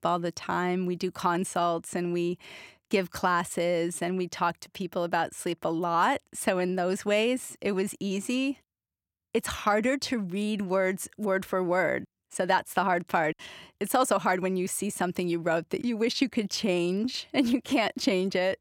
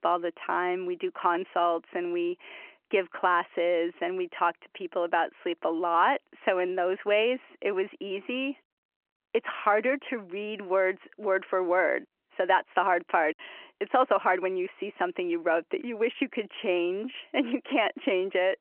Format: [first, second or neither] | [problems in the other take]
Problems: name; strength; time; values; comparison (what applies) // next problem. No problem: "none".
first | phone-call audio